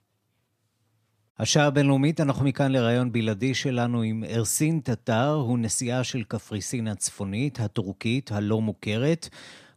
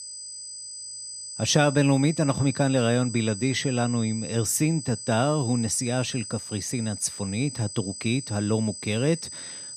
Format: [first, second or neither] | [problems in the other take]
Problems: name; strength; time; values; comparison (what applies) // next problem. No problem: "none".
first | high-pitched whine; loud; throughout; 8 kHz, 10 dB below the speech